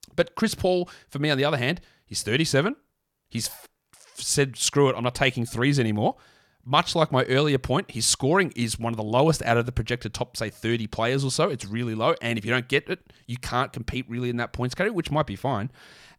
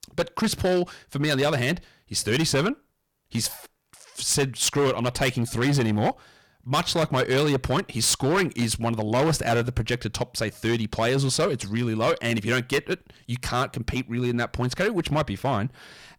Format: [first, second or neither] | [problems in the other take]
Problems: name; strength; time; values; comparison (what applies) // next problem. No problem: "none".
first | distortion; heavy; 9% of the sound clipped